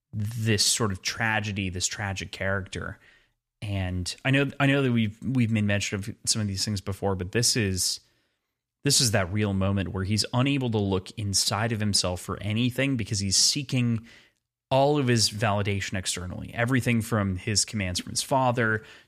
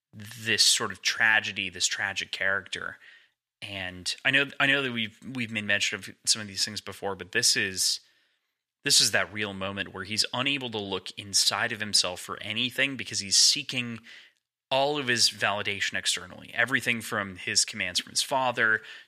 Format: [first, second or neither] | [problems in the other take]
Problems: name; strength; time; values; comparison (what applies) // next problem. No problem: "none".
first | thin; somewhat; fading below 1 kHz